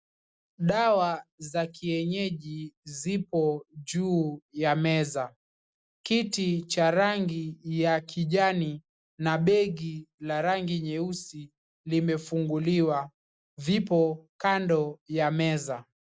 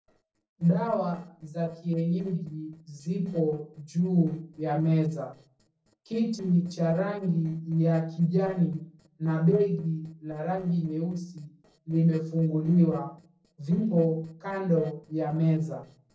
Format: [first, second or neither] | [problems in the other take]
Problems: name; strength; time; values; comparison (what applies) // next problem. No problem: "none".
first | noise reduction (neural separator model SepFormer DNS4)